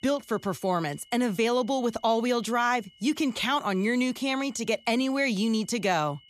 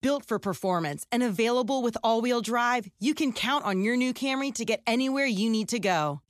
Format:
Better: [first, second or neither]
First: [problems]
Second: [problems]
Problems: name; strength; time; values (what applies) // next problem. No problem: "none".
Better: second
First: high-pitched whine; faint; throughout; 3 kHz, 25 dB below the speech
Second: none